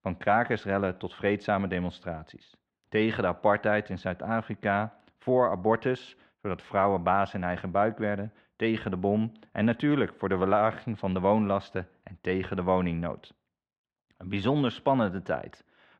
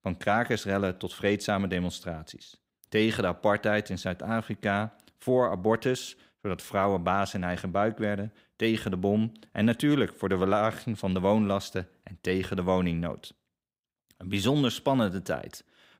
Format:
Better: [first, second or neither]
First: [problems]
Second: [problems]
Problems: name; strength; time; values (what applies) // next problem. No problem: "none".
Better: second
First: muffled; very; fading above 2.5 kHz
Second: none